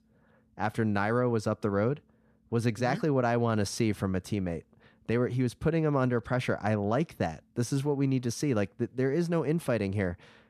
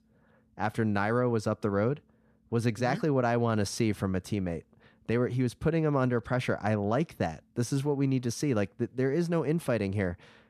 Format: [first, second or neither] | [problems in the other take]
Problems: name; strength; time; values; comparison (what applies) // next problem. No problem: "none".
neither | none